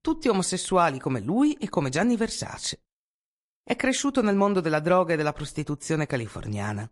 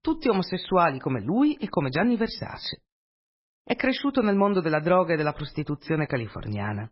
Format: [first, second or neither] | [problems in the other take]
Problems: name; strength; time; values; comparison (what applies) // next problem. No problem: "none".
first | garbled, watery; badly; nothing above 5.5 kHz; slightly in the first